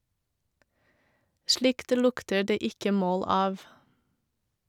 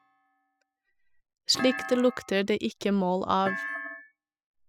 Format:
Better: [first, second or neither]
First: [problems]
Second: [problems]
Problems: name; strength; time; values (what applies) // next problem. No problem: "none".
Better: first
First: none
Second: noise reduction (classical method spectral subtraction)